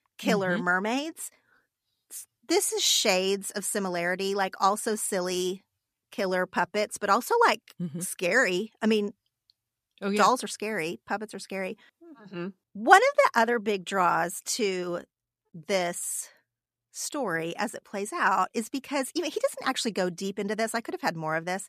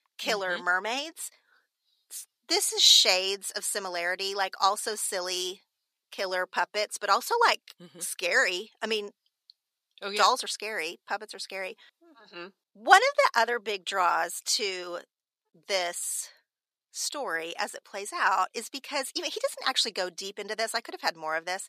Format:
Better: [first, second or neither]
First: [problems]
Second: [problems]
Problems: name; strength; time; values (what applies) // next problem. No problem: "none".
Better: first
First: none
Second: thin; somewhat; fading below 500 Hz